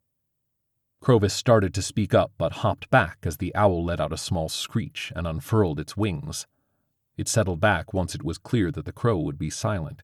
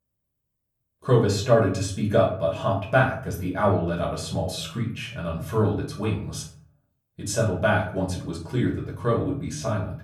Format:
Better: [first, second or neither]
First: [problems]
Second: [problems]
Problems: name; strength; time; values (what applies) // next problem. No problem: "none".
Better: first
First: none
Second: off-mic speech; far // room echo; slight; dies away in 0.4 s